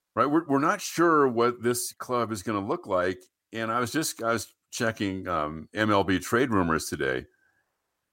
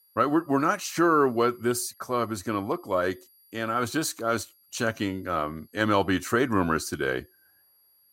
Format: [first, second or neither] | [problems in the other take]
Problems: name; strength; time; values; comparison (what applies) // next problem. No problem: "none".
first | high-pitched whine; faint; throughout; 11.5 kHz, 30 dB below the speech